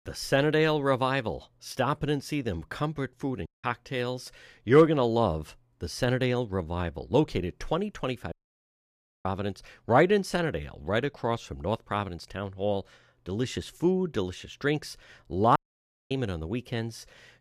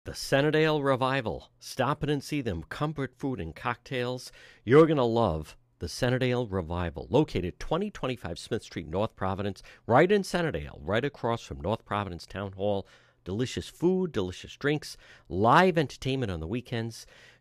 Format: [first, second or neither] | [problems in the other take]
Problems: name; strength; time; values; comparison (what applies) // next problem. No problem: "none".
second | audio cutting out; at 3.5 s, at 8.5 s for 1 s and at 16 s for 0.5 s